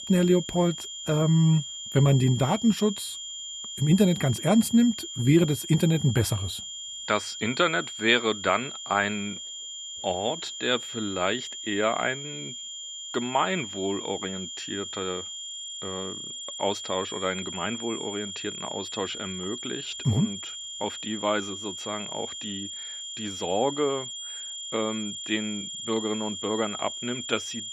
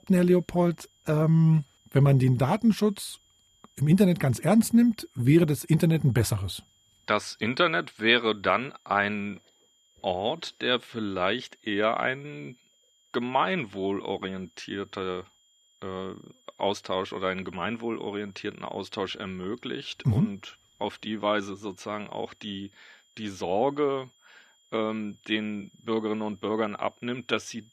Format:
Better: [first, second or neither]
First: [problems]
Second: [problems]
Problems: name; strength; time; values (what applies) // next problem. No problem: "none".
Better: second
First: high-pitched whine; loud; throughout; 3 kHz, 8 dB below the speech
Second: high-pitched whine; faint; throughout; 3 kHz, 35 dB below the speech